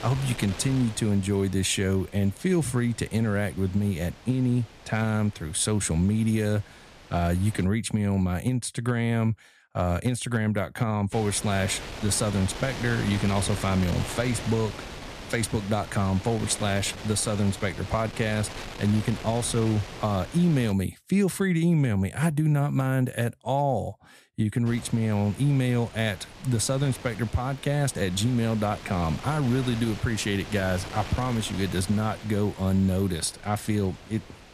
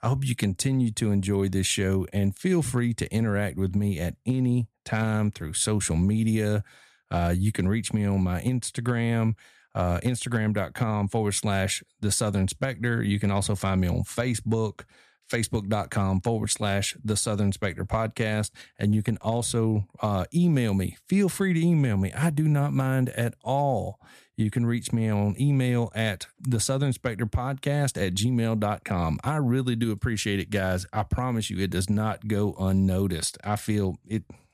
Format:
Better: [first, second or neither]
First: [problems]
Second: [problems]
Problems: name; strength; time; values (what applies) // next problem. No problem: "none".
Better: second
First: wind noise on the microphone; occasional gusts; until 7.5 s, from 11 to 21 s and from 25 s on; 10 dB below the speech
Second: none